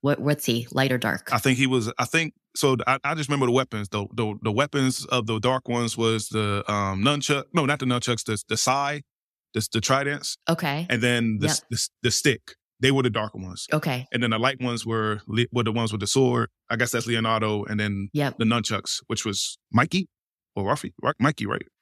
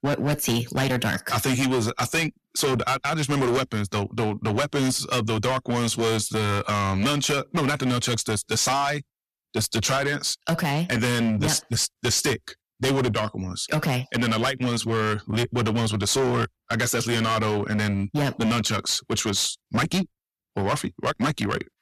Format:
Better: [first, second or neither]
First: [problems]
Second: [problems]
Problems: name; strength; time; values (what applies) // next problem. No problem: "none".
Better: first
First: none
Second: distortion; heavy; 18% of the sound clipped